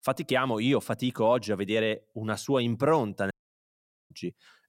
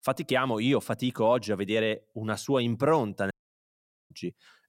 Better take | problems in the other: neither | audio cutting out; at 3.5 s for 1 s; the same in both

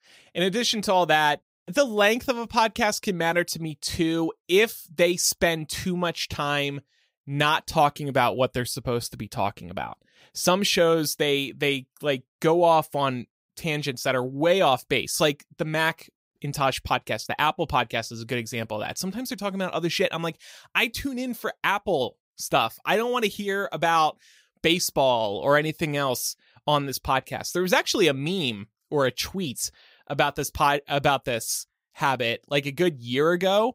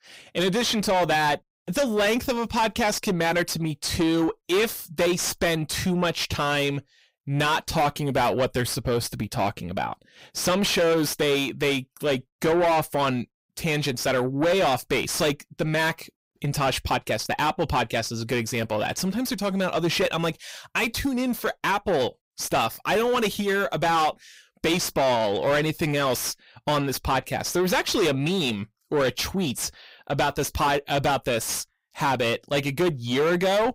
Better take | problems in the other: first | distortion; heavy; 6 dB below the speech

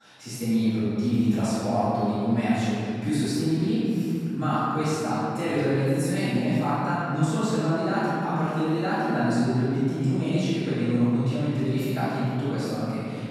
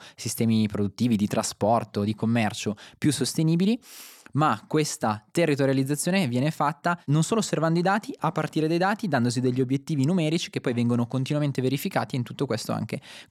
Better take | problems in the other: second | off-mic speech; far // room echo; strong; dies away in 2.8 s

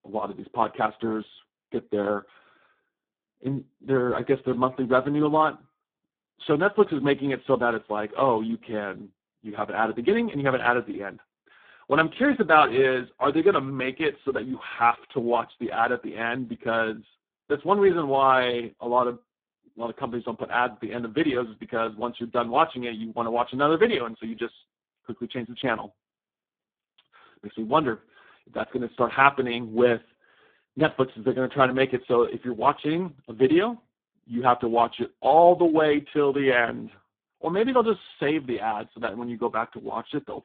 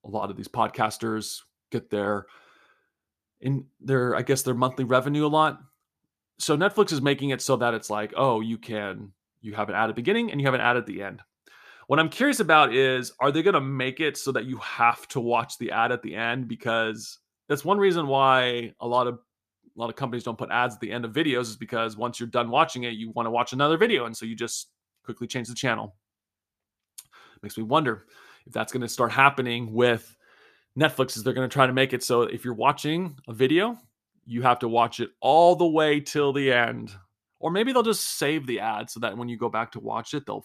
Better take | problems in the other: second | phone-call audio; poor line

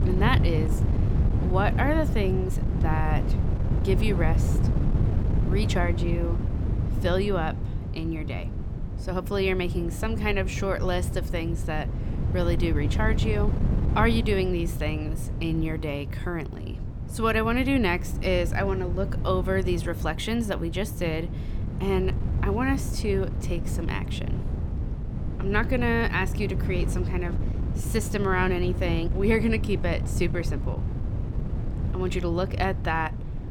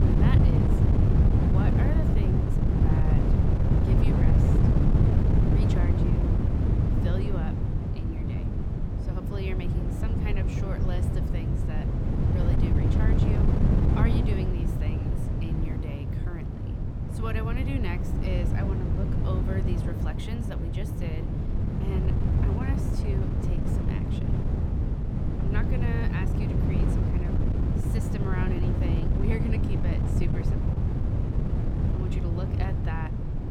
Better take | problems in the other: first | wind noise on the microphone; heavy; 4 dB above the speech; occasional gusts in the first

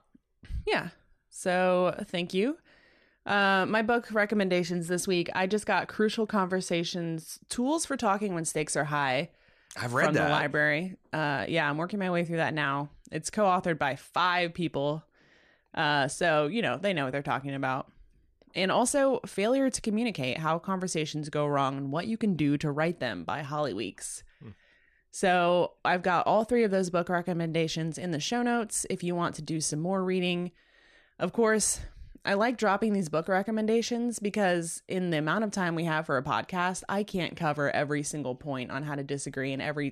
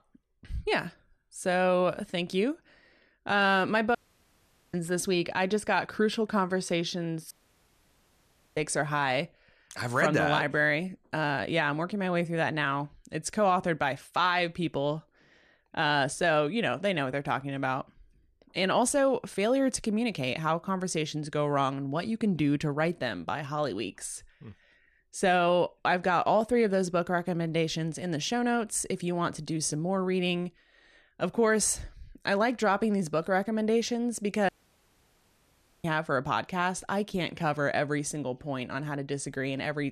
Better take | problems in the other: first | audio cutting out; at 4 s for 1 s, at 7.5 s for 1.5 s and at 34 s for 1.5 s

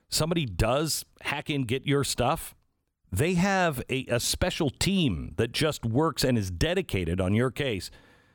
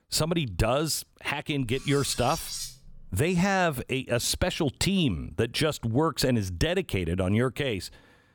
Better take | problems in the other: first | clattering dishes; noticeable; from 1.5 to 3 s; peak 7 dB below the speech

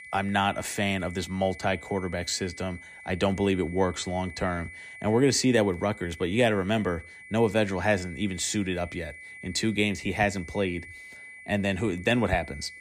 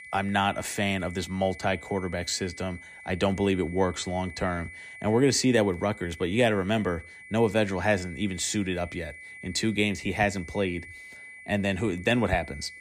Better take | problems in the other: neither | high-pitched whine; noticeable; throughout; 2 kHz, 15 dB below the speech; the same in both

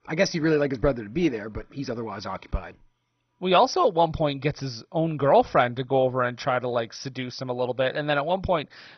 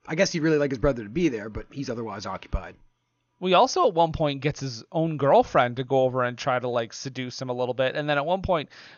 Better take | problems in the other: second | garbled, watery; badly; nothing above 6 kHz; slightly in the second

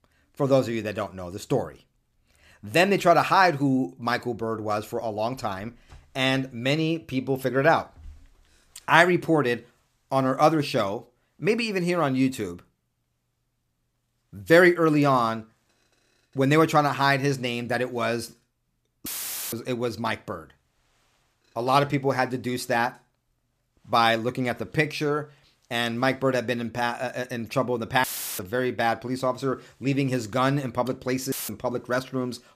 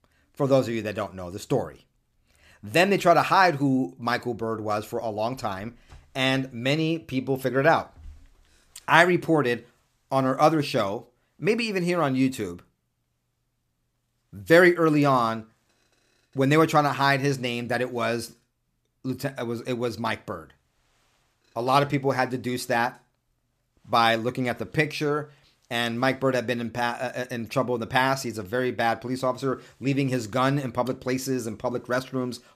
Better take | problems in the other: second | audio cutting out; filled with static; at 19 s, at 28 s and at 31 s

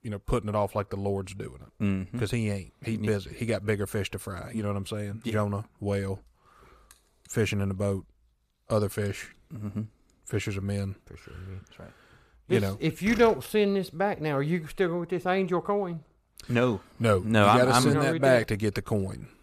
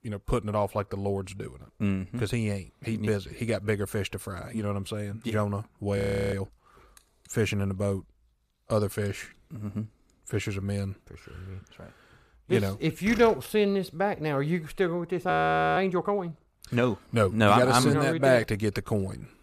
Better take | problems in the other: first | audio freezing; at 6 s and at 15 s

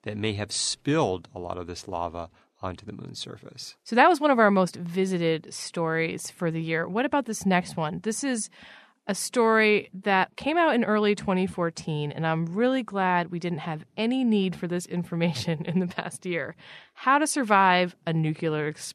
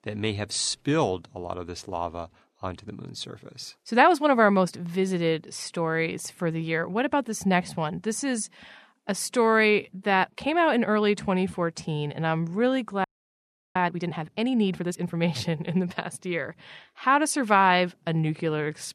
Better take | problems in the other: first | audio freezing; at 13 s for 0.5 s

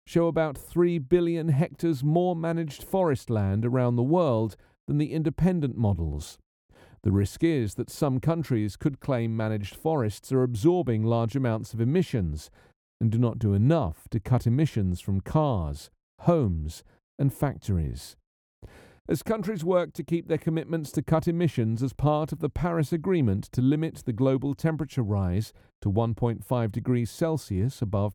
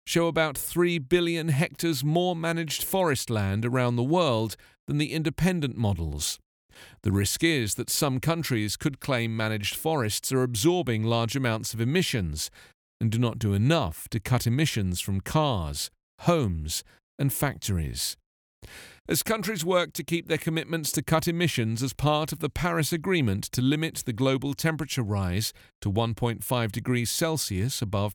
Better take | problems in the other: second | muffled; slightly; fading above 1.5 kHz

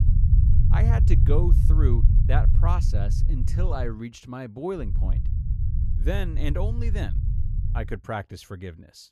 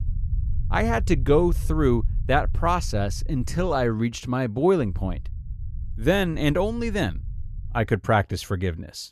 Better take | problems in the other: second | low rumble; loud; until 4 s and from 5 to 8 s; 5 dB below the speech; faint in the second

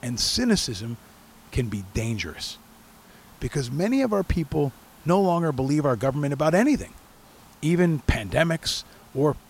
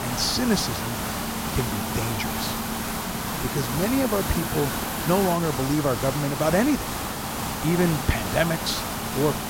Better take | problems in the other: first | hiss; loud; throughout; 2 dB below the speech; faint in the first

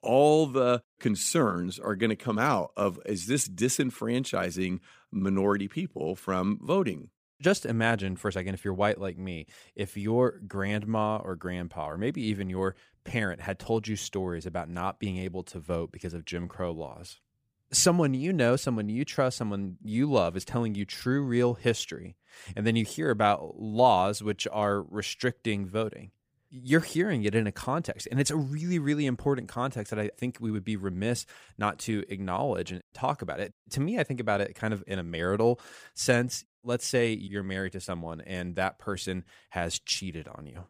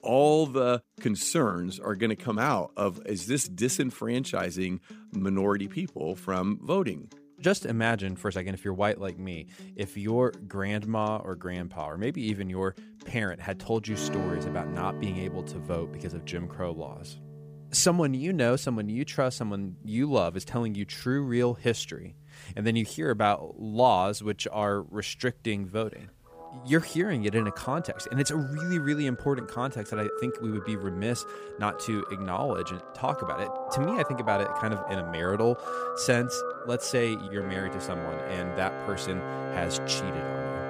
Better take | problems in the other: first | background music; loud; throughout; 8 dB below the speech

